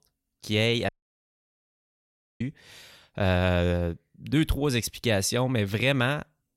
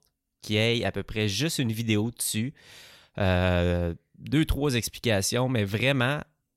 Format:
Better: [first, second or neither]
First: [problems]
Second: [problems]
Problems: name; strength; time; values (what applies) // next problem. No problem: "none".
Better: second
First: audio cutting out; at 1 s for 1.5 s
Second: none